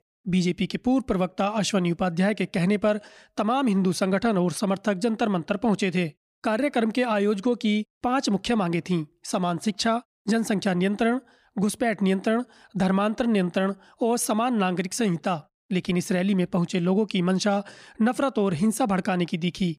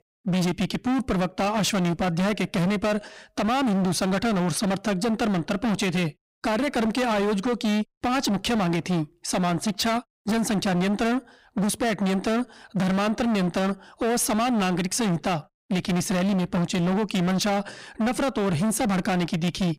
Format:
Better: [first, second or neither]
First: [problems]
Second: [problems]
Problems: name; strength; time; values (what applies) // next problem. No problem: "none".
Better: first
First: none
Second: distortion; heavy; 34% of the sound clipped